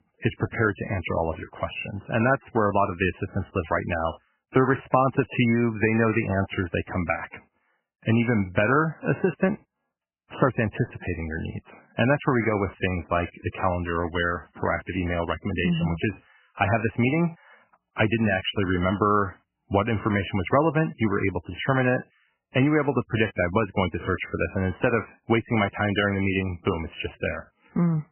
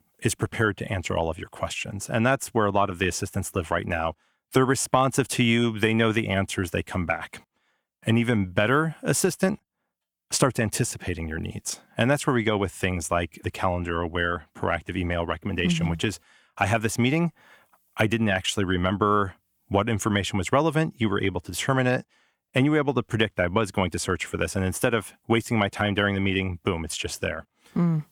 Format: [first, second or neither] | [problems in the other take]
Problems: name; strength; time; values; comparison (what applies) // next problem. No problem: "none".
second | garbled, watery; badly; nothing above 3 kHz